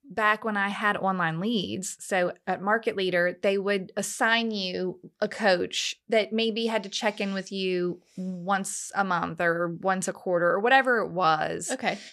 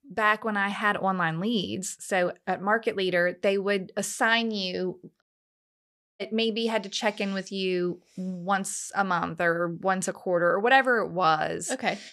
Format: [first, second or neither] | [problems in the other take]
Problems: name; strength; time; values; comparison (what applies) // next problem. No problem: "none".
first | audio cutting out; at 5 s for 1 s